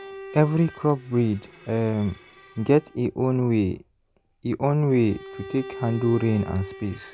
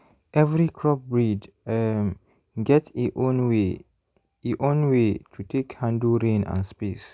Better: second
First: background sound (Bowed string instrument); 18 dB below the speech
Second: none

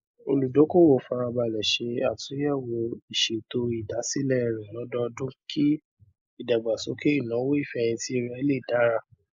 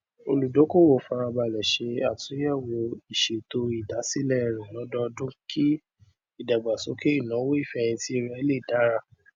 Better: second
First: noise reduction (neural mask model Resemble Enhance denoiser)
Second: none

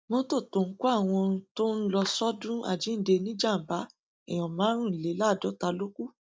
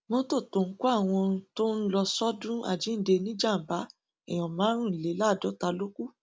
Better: second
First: noise reduction (neural mask model DeepFilterNet 3)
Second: none

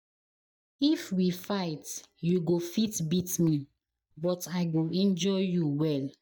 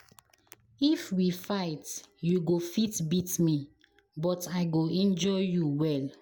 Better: second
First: noise reduction (neural mask model DeepFilterNet 3)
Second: none

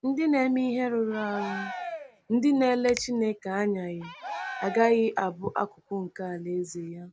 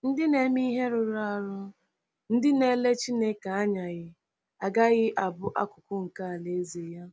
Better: second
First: background sound (Cheering + Finger snapping); 13 dB below the speech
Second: none

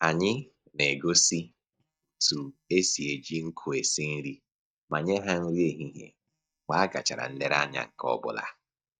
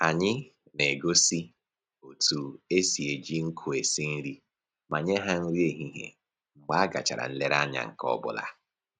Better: second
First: noise reduction (neural mask model DeepFilterNet 3)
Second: none

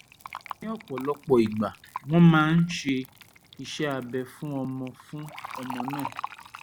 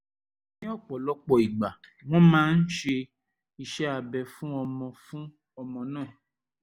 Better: second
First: background sound (Fill (with liquid)); 15 dB below the speech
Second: none

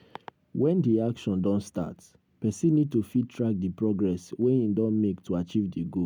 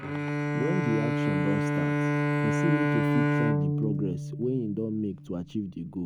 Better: first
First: none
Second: background sound (Bowed string instrument); 4 dB above the speech

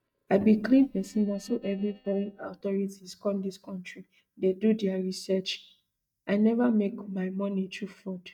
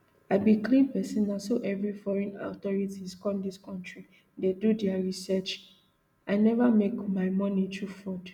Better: second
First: noise reduction (neural mask model DeepFilterNet 3)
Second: none

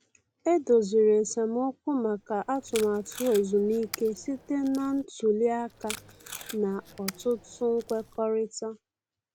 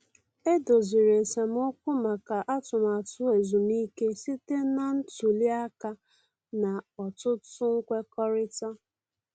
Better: second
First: background sound (Packing tape, duct tape); 16 dB below the speech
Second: none

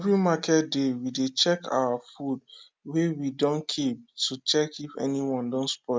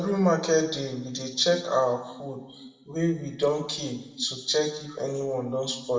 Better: first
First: none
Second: room echo; dies away in 0.8 s

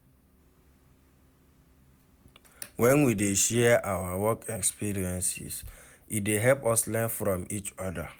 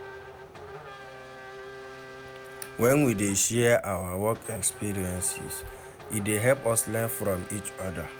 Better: first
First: none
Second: background sound (Race car, auto racing / Accelerating, revving, vroom); 14 dB below the speech

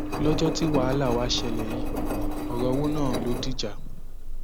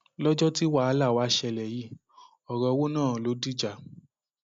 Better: second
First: background sound (Engine); 1 dB above the speech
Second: none

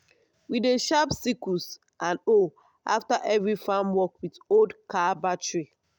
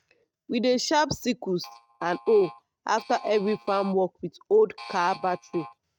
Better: first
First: none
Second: noise reduction (neural mask model RNNoise)

